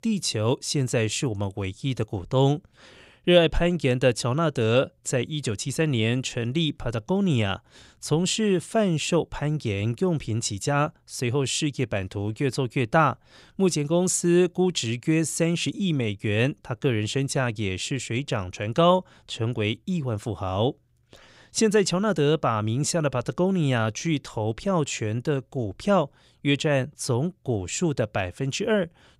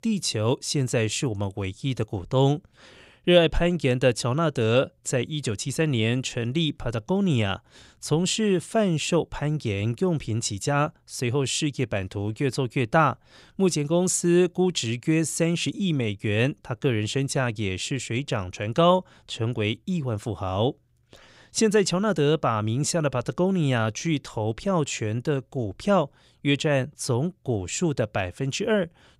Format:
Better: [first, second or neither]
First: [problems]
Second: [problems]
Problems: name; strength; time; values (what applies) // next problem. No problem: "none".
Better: neither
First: none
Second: none